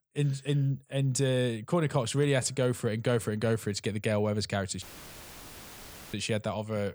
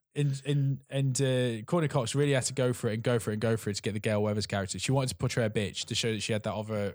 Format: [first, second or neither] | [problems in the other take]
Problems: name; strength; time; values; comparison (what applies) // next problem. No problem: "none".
second | audio cutting out; filled with static; at 5 s for 1.5 s